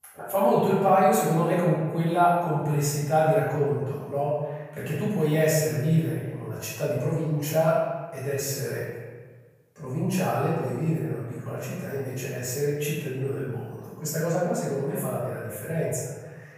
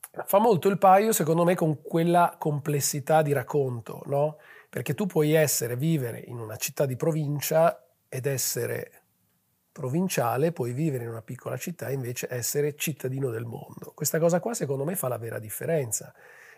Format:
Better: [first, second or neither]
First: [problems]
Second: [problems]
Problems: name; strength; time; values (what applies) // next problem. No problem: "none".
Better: second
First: room echo; strong; dies away in 1.3 s // off-mic speech; far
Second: none